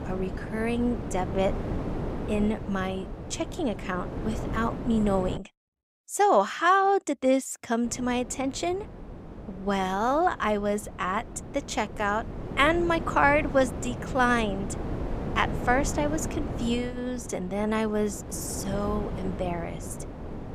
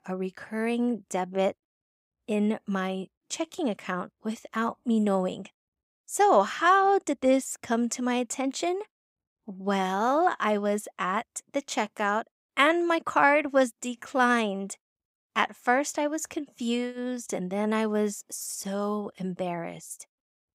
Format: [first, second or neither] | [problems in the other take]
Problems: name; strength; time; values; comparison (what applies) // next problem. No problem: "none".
second | wind noise on the microphone; occasional gusts; until 5.5 s and from 8 s on; 15 dB below the speech